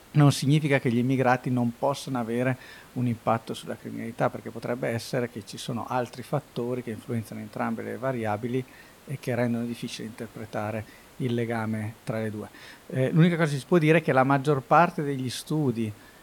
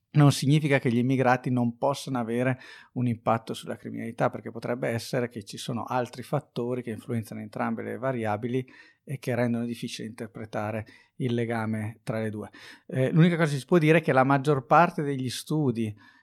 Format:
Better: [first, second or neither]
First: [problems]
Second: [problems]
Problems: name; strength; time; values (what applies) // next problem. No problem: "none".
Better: second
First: hiss; faint; throughout; 25 dB below the speech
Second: none